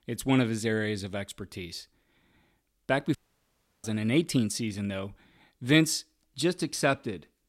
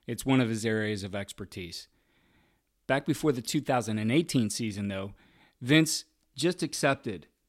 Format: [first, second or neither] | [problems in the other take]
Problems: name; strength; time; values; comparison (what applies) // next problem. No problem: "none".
second | audio cutting out; at 3 s for 0.5 s